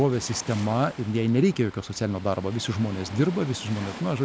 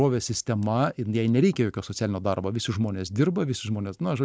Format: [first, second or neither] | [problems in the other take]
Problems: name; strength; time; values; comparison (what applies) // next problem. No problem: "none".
second | background sound (Waves, surf); 16 dB below the speech